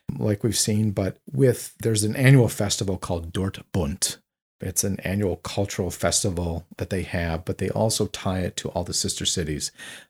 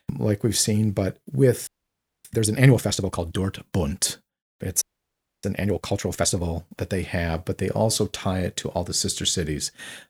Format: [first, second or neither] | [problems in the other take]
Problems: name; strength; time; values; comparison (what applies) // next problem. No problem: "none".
first | audio freezing; at 1.5 s for 0.5 s and at 5 s for 0.5 s